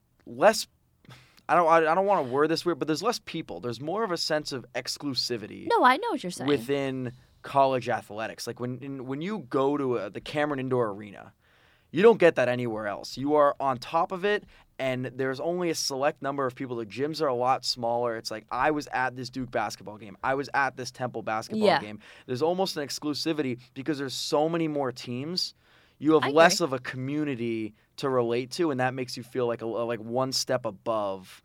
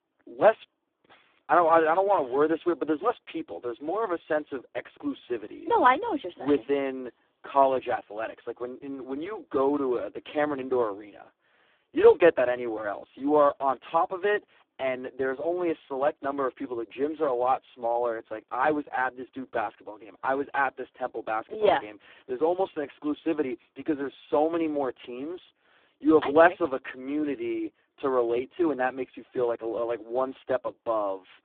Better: first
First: none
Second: phone-call audio; poor line

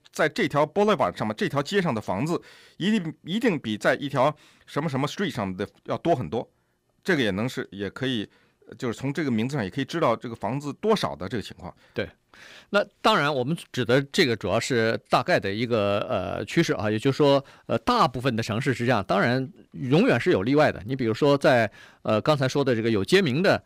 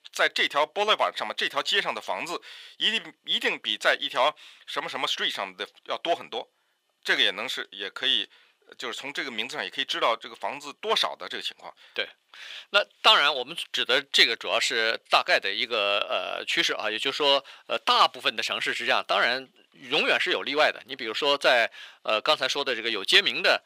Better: first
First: none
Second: thin; very; fading below 650 Hz

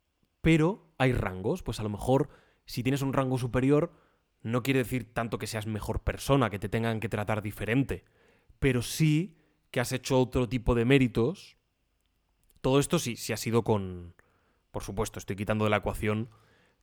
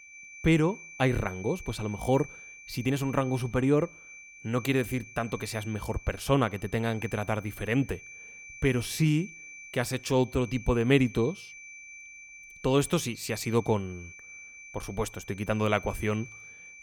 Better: first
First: none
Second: high-pitched whine; noticeable; throughout; 2.5 kHz, 15 dB below the speech

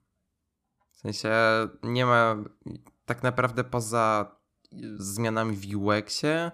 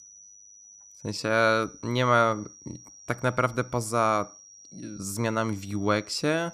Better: first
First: none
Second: high-pitched whine; faint; throughout; 5.5 kHz, 20 dB below the speech

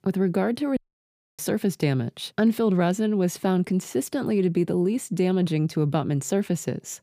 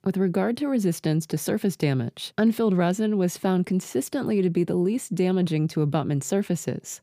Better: second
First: audio cutting out; at 1 s for 0.5 s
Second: none

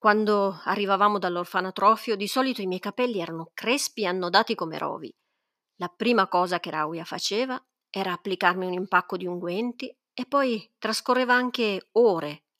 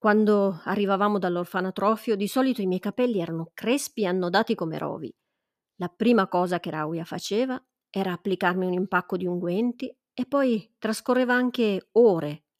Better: second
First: thin; very slightly; fading below 300 Hz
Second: none

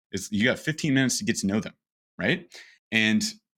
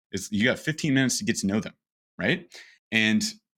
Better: neither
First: none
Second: none

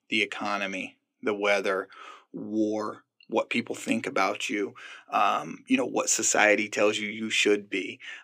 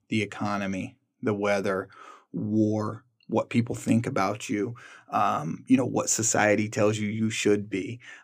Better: second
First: thin; very slightly; fading below 350 Hz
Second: none

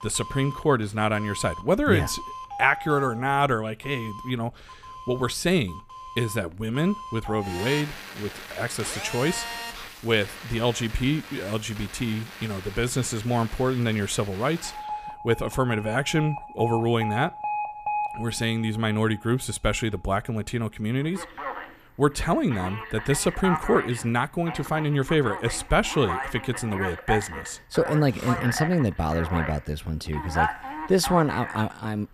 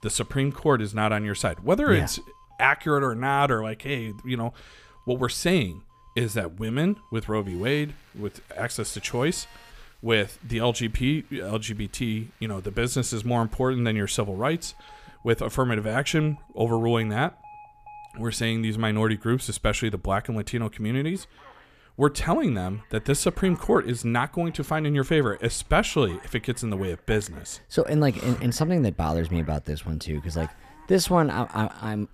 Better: second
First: alarms or sirens; loud; throughout; 9 dB below the speech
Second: alarms or sirens; faint; throughout; 25 dB below the speech

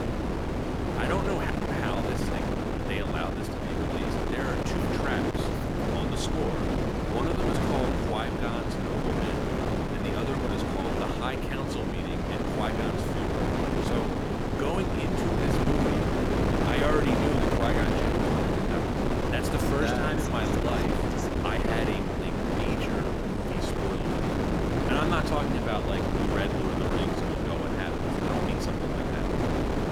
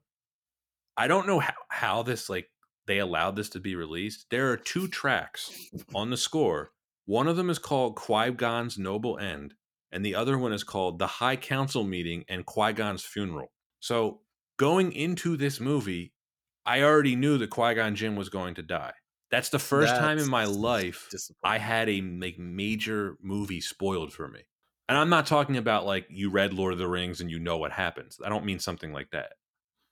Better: second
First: wind noise on the microphone; heavy; 4 dB above the speech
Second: none

